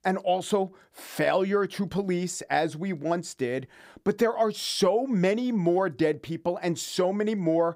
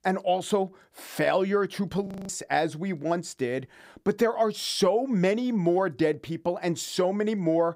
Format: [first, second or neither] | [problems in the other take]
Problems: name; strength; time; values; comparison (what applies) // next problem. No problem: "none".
first | audio freezing; at 2 s